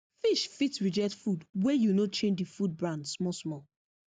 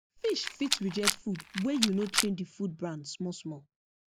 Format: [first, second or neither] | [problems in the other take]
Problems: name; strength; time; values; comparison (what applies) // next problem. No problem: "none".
first | background sound (Rattle); as loud as the speech